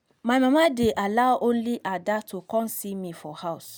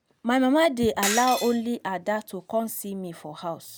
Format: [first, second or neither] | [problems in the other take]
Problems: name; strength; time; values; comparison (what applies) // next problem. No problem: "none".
first | background sound (Shatter); 9 dB below the speech